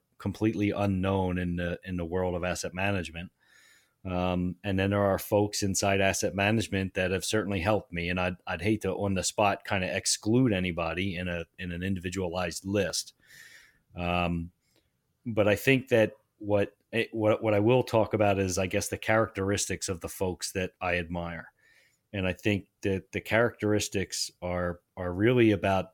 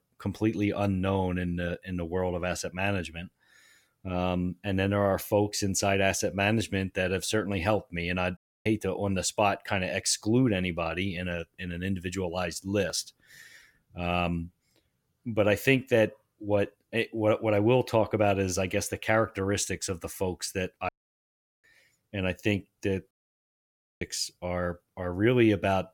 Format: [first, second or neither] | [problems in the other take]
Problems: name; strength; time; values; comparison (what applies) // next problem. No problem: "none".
first | audio cutting out; at 8.5 s, at 21 s for 1 s and at 23 s for 1 s